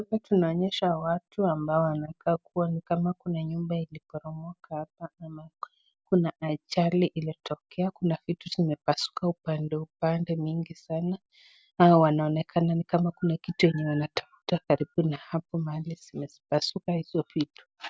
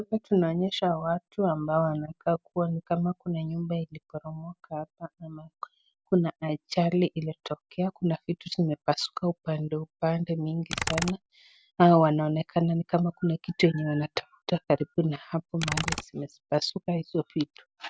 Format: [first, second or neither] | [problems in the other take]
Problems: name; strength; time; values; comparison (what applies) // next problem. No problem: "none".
first | background sound (Computer keyboard); 8 dB below the speech